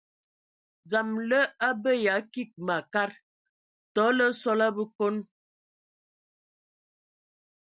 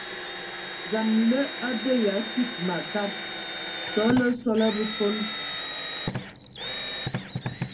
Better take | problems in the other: first | background sound (Drill); 5 dB below the speech // room echo; dies away in 0.4 s

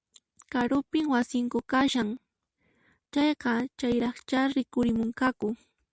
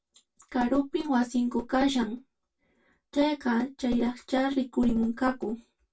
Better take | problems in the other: first | room echo; dies away in 0.1 s

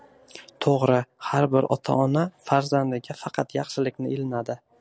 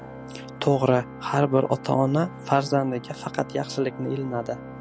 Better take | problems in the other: first | background sound (Organ); 14 dB below the speech

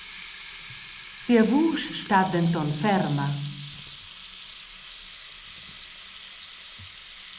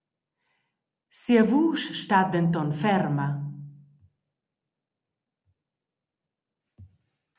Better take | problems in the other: second | background sound (Water tap, faucet); 15 dB below the speech

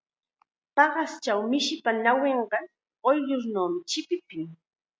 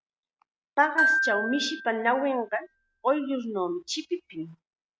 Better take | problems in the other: first | background sound (Glockenspiel); 2 dB below the speech

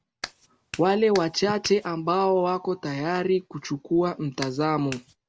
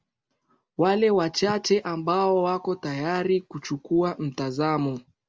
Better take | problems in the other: second | background sound (Clapping); 16 dB below the speech

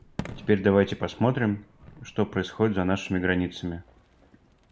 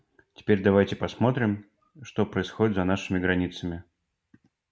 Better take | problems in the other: second | background sound (Fireworks); 19 dB below the speech

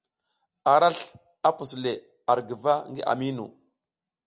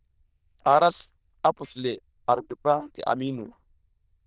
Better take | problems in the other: first | noise reduction (neural diffusion model UNIVERSE++)

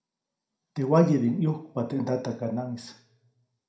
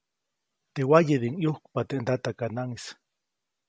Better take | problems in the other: second | room echo; dies away in 0.4 s

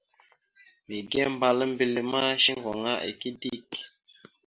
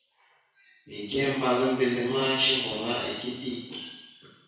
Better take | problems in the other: first | room echo; dies away in 1.1 s

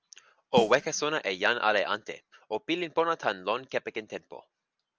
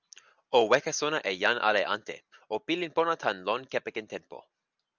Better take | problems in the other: second | background sound (Snare drum); 12 dB below the speech

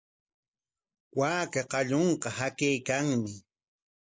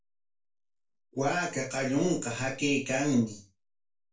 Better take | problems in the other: first | room echo; dies away in 0.2 s

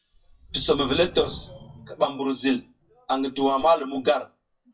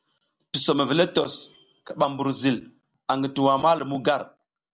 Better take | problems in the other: second | noise reduction (classical method WPE with log-MMSE)

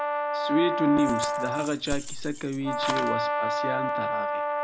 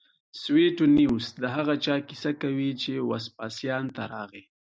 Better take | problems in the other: second | background sound (Keys jangling + Brass instrument); 1 dB above the speech

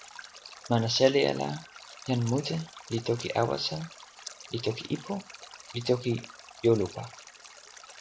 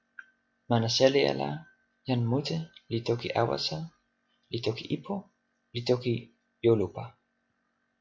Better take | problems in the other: second | background sound (Stream); 17 dB below the speech

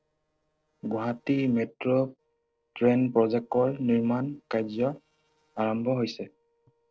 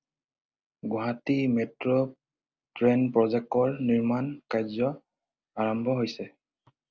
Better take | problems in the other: second | noise reduction (neural separator model SepFormer DNS4)

